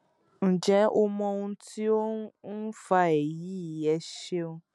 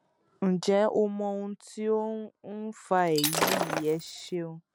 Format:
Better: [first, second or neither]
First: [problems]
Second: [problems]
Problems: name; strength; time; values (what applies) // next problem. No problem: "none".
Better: first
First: none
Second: background sound (Shatter); 1 dB below the speech